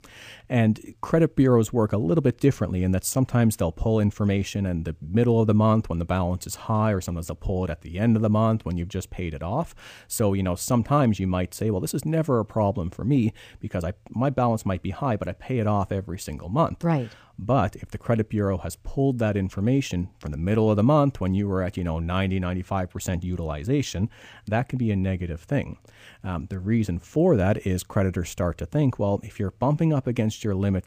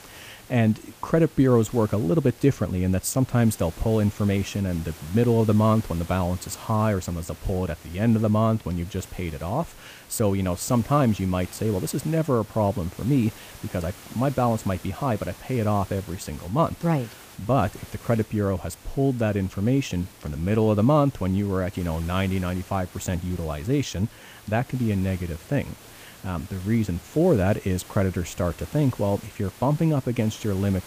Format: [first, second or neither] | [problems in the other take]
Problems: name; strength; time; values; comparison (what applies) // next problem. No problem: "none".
first | hiss; noticeable; throughout; 20 dB below the speech